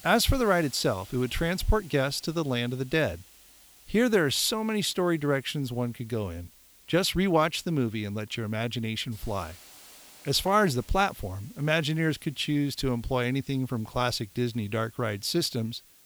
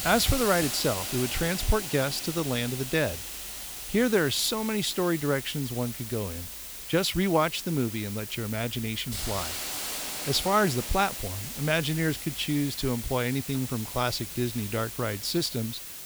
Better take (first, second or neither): first